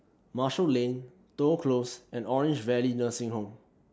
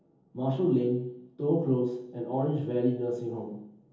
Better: first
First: none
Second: room echo; dies away in 0.7 s

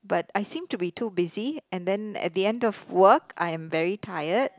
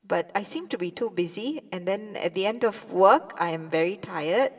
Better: first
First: none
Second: room echo; dies away in 0.8 s

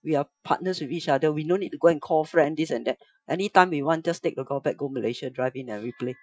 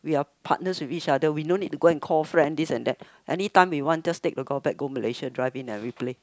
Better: second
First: noise reduction (classical method Wiener filter)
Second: none

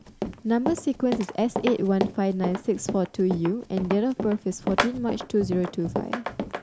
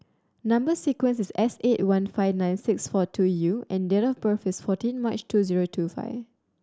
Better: second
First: background sound (Run); 6 dB below the speech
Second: none

